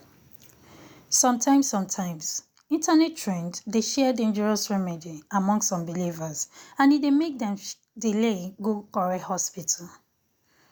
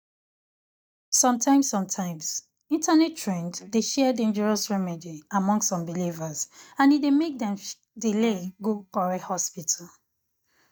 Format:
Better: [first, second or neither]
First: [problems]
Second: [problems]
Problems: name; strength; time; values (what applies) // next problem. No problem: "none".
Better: first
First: none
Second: noise reduction (neural mask model DeepFilterNet 3)